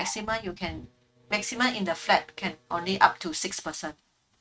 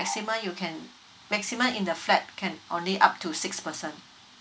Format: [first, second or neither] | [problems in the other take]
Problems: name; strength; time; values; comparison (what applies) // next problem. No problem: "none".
second | noise reduction (neural mask model RNNoise)